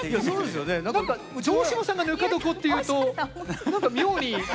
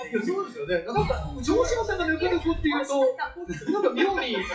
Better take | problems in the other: first | noise reduction (classical method WPE with log-MMSE)

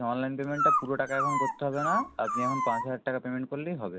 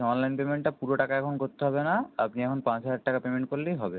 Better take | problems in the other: second | background sound (Dog); 2 dB above the speech

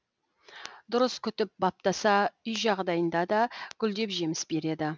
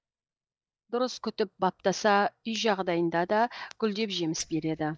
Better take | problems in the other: first | noise reduction (neural mask model DeepFilterNet 3)

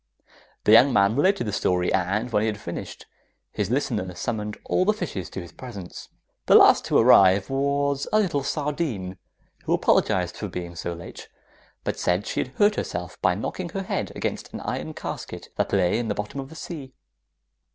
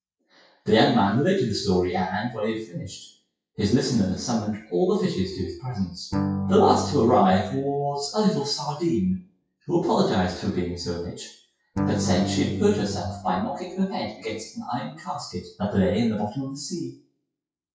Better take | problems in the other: first | noise reduction (classical method WPE with log-MMSE)

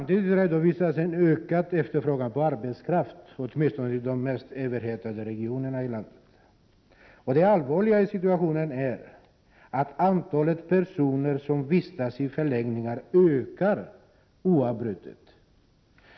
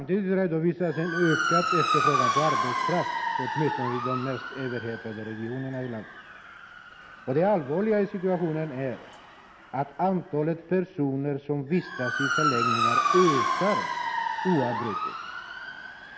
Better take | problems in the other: first | background sound (Motor vehicle (road) / Siren); 2 dB below the speech

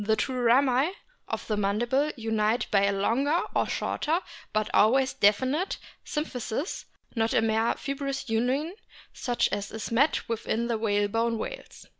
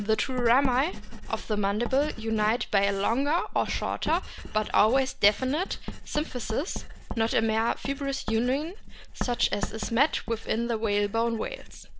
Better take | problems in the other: first | background sound (Writing); 7 dB below the speech

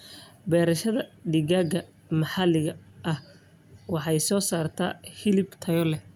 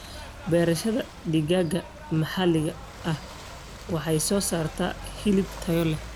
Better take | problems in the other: first | background sound (Ocean / Boat, Water vehicle + Idling / Engine starting / Accelerating, revving, vroom / Car); 14 dB below the speech

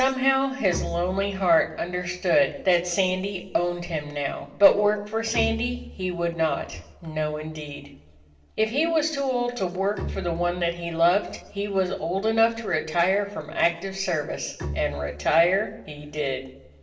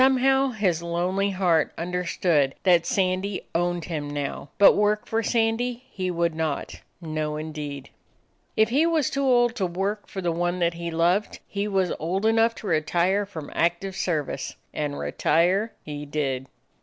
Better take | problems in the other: second | background sound (Bowed string instrument); 15 dB below the speech // room echo; dies away in 0.8 s

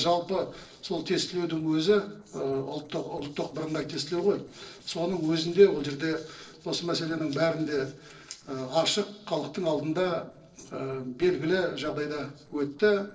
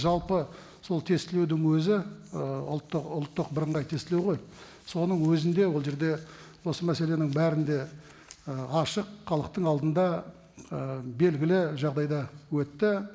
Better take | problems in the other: second | noise reduction (neural separator model SepFormer DNS4)

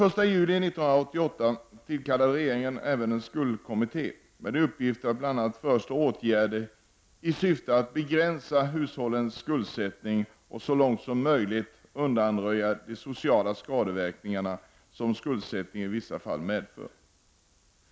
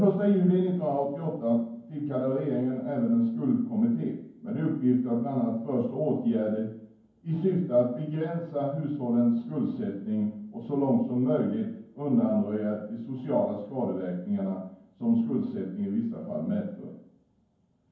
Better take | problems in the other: first | room echo; dies away in 0.9 s

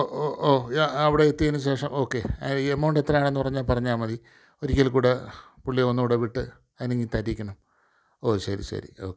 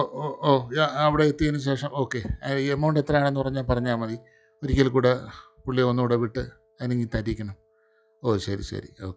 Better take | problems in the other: first | noise reduction (classical method log-MMSE)

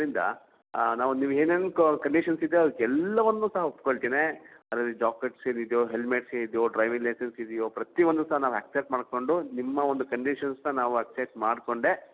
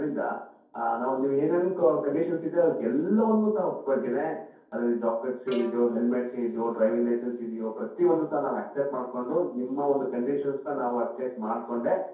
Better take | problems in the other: first | background sound (Bowed string instrument); 14 dB below the speech // room echo; dies away in 0.6 s

